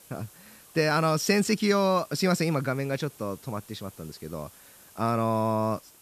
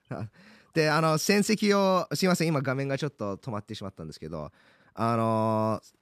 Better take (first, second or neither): second